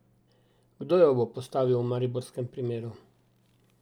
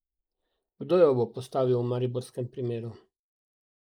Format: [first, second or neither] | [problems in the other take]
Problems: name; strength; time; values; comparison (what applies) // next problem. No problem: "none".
first | noise reduction (neural mask model Resemble Enhance denoiser)